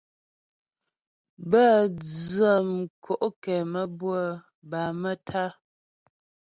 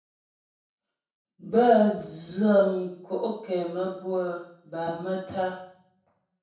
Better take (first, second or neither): first